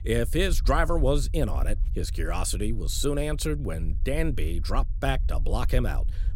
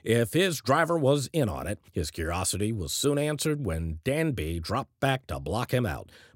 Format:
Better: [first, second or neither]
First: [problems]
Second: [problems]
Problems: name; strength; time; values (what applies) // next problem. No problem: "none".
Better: second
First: low rumble; faint; throughout; 20 dB below the speech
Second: none